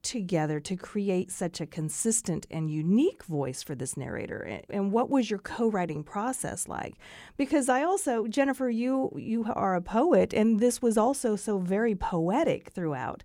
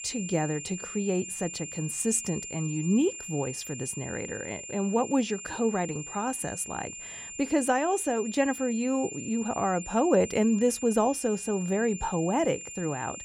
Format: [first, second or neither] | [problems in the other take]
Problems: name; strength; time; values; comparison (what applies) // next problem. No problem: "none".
first | high-pitched whine; loud; throughout; 7 kHz, 9 dB below the speech